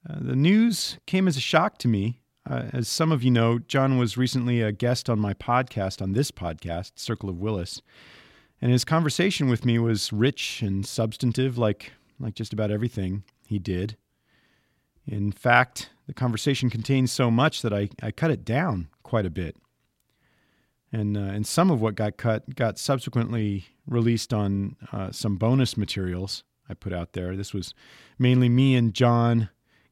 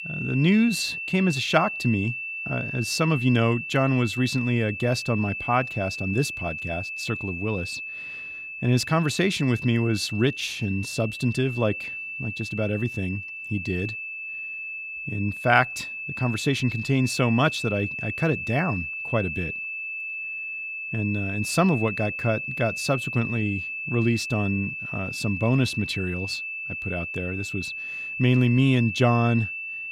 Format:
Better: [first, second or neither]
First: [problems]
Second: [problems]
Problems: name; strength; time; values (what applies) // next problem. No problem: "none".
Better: first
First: none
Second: high-pitched whine; loud; throughout; 2.5 kHz, 6 dB below the speech